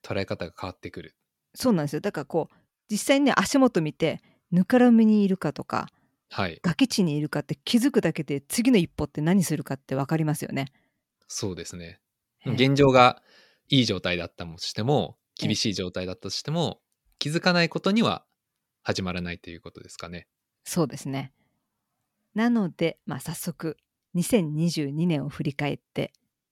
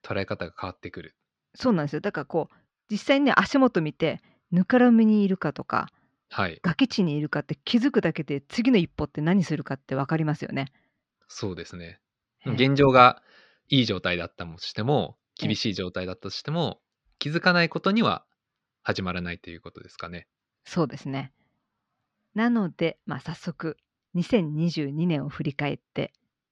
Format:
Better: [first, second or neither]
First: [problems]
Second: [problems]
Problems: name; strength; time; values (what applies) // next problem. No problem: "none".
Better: first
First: none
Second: muffled; very slightly; fading above 5 kHz